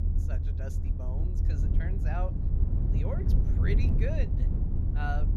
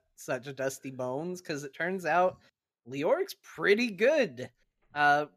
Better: second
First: low rumble; loud; throughout; 2 dB below the speech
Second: none

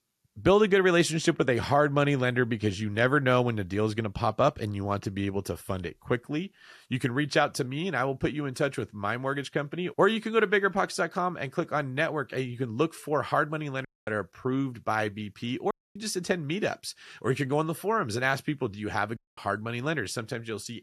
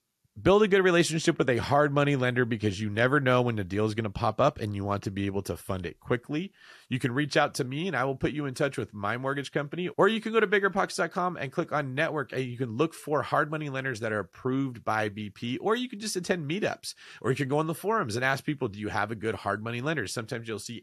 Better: second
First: audio cutting out; at 14 s, at 16 s and at 19 s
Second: none

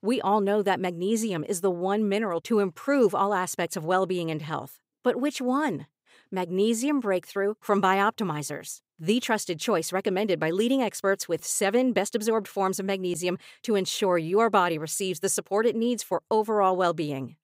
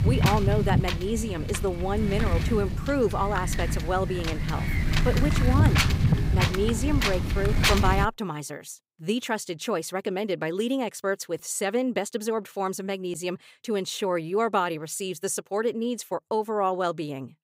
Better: first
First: none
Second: wind noise on the microphone; heavy; until 8 s; 2 dB below the speech

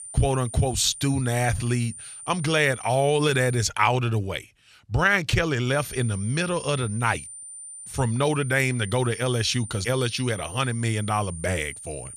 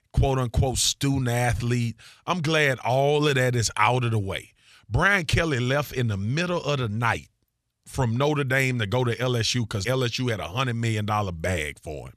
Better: second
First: high-pitched whine; noticeable; until 3.5 s and from 5.5 s on; 9 kHz, 15 dB below the speech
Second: none

